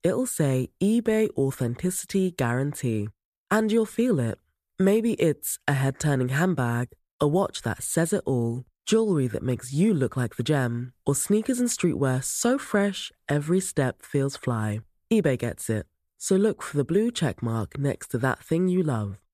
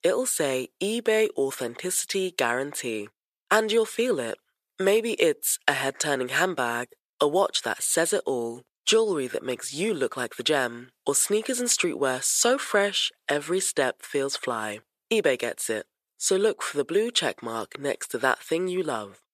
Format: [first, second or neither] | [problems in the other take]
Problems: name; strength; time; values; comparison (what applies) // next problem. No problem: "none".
first | thin; somewhat; fading below 500 Hz